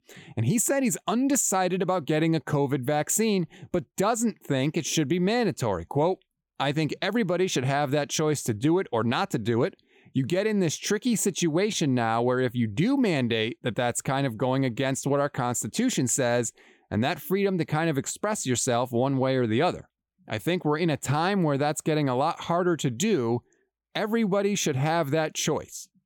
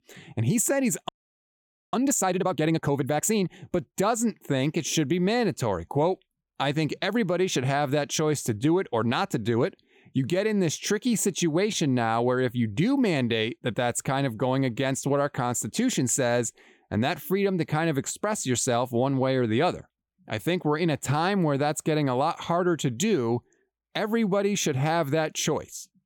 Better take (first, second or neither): first